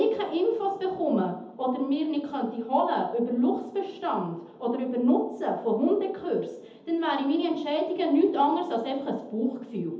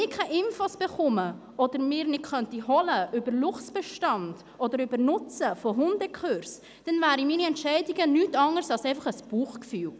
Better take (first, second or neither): second